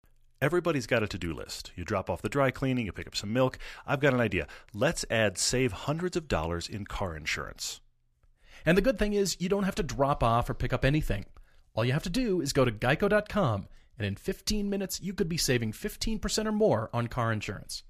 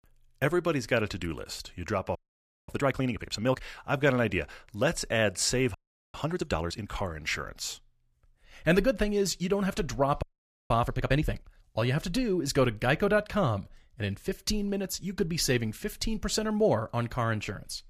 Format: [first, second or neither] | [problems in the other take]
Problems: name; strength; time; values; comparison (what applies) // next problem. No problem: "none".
first | audio freezing; at 2 s for 0.5 s, at 6 s and at 10 s